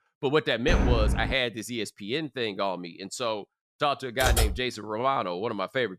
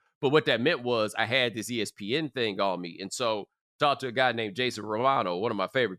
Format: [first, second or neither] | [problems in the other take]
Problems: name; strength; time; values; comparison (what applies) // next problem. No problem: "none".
second | door banging; loud; at 0.5 s; peak 4 dB above the speech // keyboard typing; loud; at 4 s; peak 3 dB above the speech